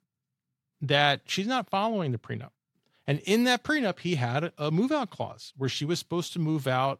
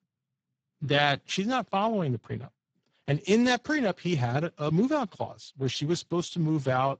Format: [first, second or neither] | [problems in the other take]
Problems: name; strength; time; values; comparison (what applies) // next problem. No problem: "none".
first | garbled, watery; badly; nothing above 7.5 kHz